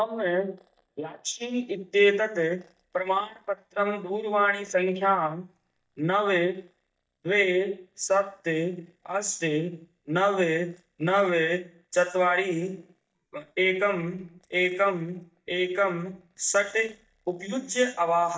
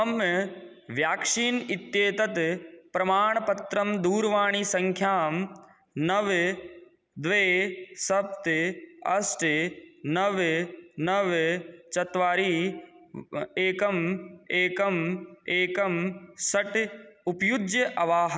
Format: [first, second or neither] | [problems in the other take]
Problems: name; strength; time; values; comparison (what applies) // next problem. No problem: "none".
second | noise reduction (neural mask model DeepFilterNet 3)